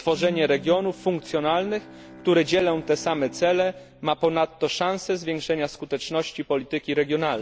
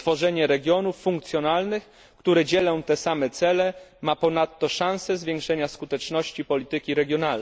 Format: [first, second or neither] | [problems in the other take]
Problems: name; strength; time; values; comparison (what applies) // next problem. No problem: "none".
second | background sound (Bowed string instrument); 20 dB below the speech